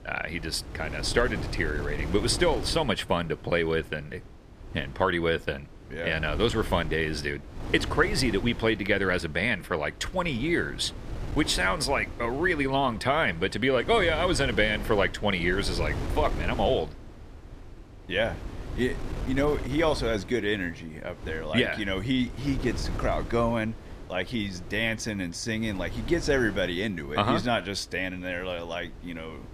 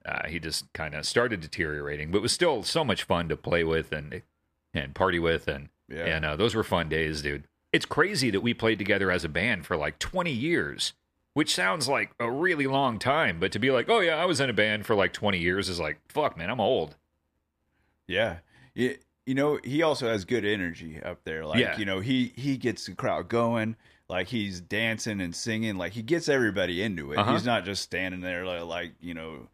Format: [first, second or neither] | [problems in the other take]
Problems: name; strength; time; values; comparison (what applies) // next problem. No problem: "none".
second | wind noise on the microphone; occasional gusts; 15 dB below the speech